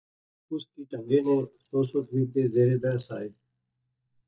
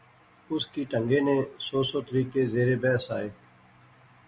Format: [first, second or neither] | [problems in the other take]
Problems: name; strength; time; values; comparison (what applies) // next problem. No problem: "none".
second | noise reduction (neural mask model DeepFilterNet 3)